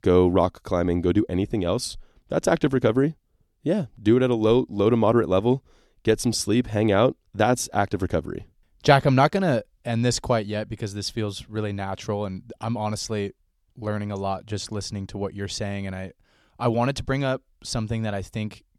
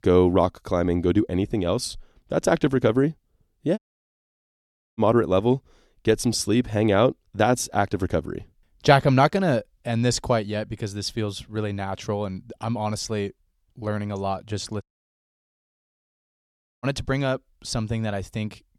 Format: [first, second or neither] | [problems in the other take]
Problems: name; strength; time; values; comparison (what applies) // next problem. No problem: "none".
first | audio cutting out; at 4 s for 1 s and at 15 s for 2 s